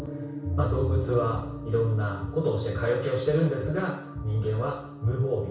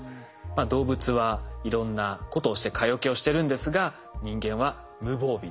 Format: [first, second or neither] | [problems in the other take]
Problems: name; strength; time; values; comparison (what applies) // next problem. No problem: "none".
second | background sound (Gong); 12 dB below the speech // room echo; dies away in 0.6 s